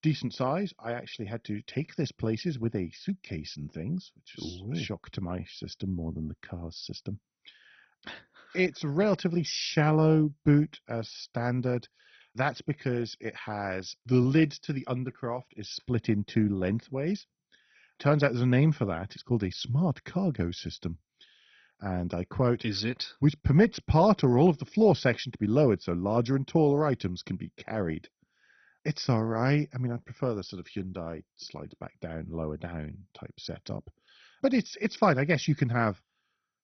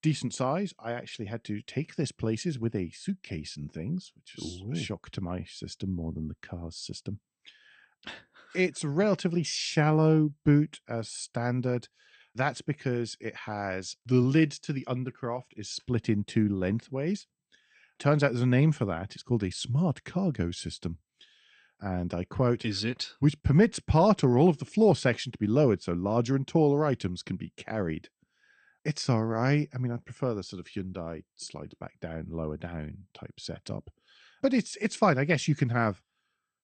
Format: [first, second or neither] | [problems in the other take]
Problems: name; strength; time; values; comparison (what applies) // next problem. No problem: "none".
second | garbled, watery; badly; nothing above 6 kHz; slightly in the second